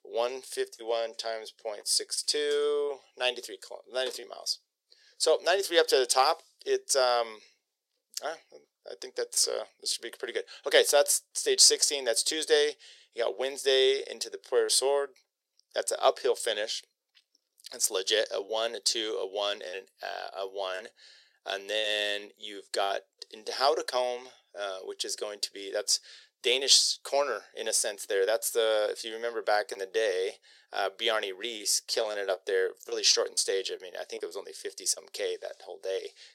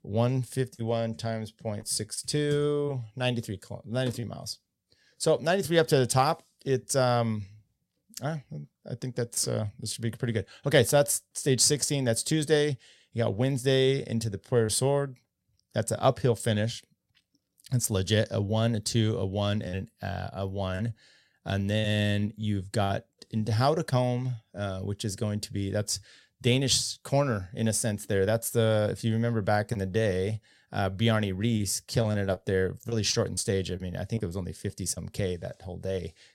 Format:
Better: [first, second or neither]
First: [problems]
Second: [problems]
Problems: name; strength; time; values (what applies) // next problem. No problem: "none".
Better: second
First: thin; very; fading below 400 Hz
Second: none